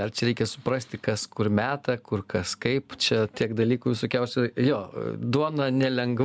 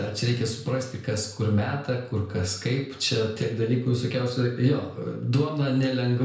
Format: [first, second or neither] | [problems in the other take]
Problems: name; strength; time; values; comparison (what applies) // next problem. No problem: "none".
first | room echo; dies away in 0.5 s